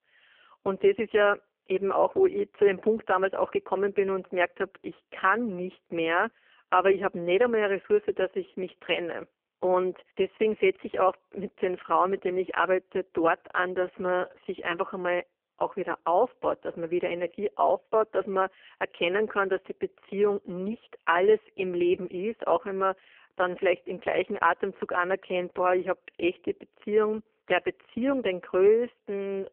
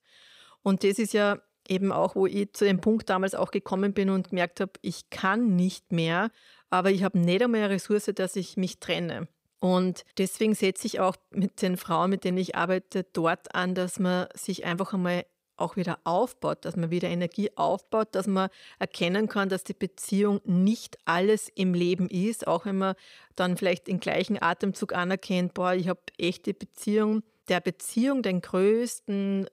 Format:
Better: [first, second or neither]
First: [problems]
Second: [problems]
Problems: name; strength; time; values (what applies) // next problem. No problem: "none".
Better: second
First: phone-call audio; poor line; nothing above 3 kHz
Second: none